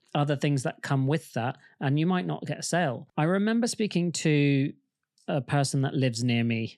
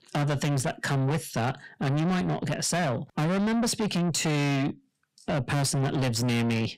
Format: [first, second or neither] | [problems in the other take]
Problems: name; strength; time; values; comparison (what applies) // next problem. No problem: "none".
first | distortion; heavy; 6 dB below the speech